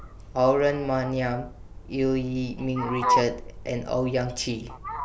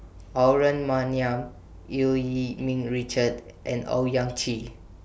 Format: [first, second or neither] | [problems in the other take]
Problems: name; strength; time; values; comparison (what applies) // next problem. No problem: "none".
second | background sound (Fowl); 6 dB below the speech